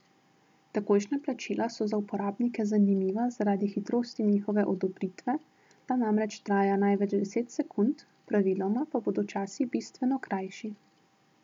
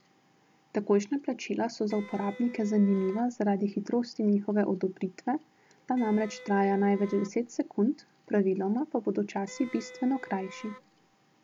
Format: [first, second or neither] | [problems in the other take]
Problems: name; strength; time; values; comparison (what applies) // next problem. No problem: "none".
first | background sound (Wind instrument, woodwind instrument); 19 dB below the speech